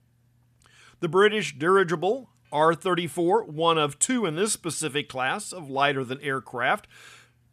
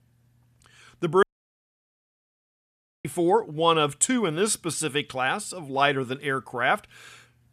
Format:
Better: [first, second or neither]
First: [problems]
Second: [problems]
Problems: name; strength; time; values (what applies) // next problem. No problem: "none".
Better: first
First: none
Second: audio cutting out; at 1 s for 2 s